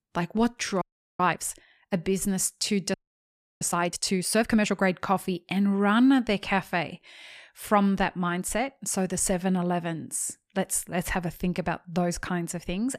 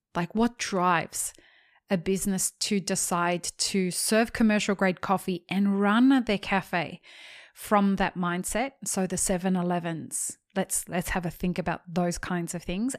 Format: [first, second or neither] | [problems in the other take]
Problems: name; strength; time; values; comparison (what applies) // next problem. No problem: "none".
second | audio freezing; at 1 s and at 3 s for 0.5 s